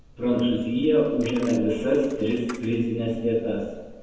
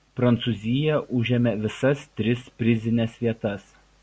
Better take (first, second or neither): second